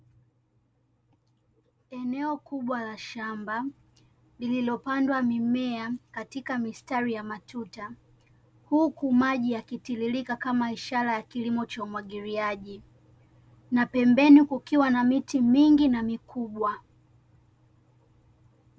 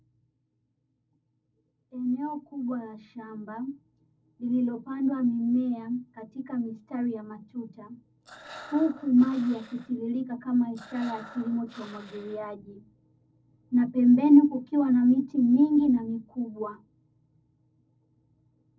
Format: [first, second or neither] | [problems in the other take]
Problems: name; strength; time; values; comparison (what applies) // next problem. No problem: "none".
first | noise reduction (neural separator model SepFormer DNS4)